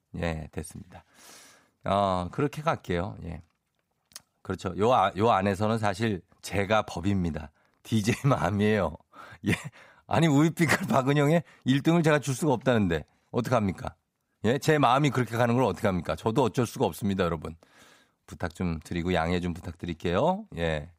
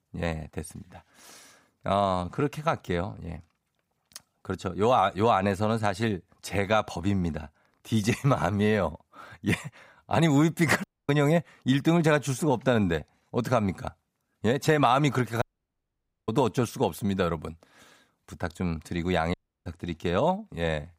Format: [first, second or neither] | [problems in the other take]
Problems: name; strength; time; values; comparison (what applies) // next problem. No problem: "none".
first | audio cutting out; at 11 s, at 15 s for 1 s and at 19 s